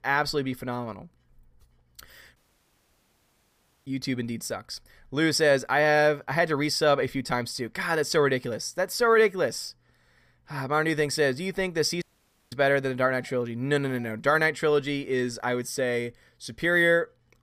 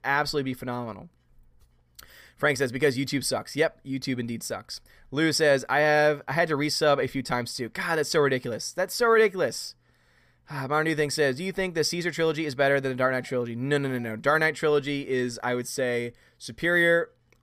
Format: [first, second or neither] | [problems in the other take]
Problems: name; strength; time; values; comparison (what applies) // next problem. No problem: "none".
second | audio cutting out; at 2.5 s for 1.5 s and at 12 s